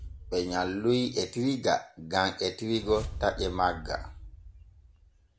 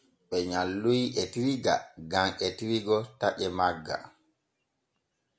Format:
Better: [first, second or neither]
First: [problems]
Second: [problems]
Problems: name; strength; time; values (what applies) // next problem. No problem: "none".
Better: second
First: background sound (Whoosh, swoosh, swish); 13 dB below the speech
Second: none